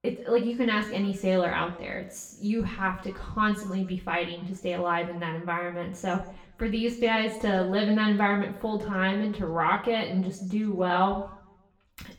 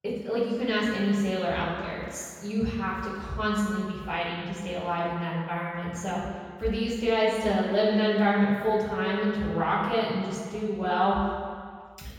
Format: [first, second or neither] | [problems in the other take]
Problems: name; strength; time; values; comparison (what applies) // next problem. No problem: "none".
first | room echo; strong; dies away in 1.7 s; slight in the first // off-mic speech; far; far in the first